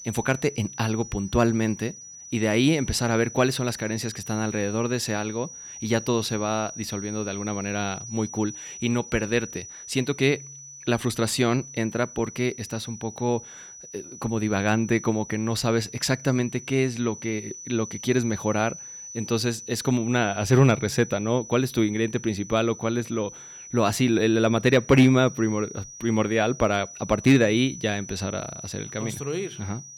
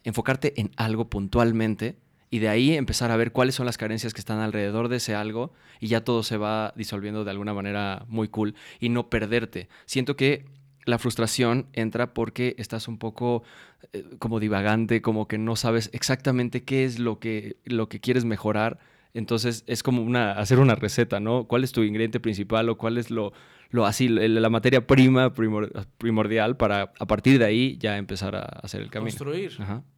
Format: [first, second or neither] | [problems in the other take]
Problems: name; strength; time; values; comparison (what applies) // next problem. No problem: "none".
second | high-pitched whine; noticeable; throughout; 6 kHz, 15 dB below the speech